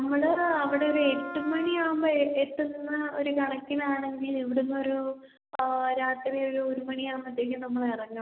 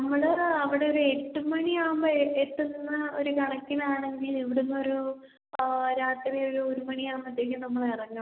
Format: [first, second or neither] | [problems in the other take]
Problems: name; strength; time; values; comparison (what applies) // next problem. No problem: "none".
second | background sound (Wind instrument, woodwind instrument); 12 dB below the speech